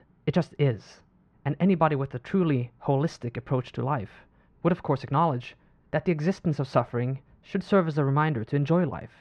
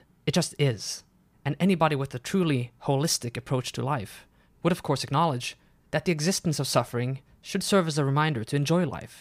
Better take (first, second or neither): second